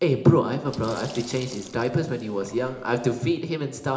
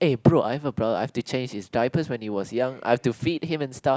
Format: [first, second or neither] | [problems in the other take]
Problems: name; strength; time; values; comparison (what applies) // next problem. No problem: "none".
second | background sound (Sink (filling or washing)); 19 dB below the speech // room echo; dies away in 0.8 s